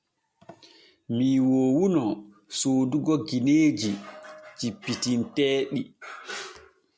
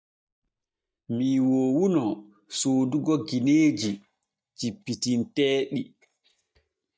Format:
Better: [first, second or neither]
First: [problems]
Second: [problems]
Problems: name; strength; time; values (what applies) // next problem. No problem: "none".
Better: first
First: none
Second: noise reduction (neural mask model DeepFilterNet 3)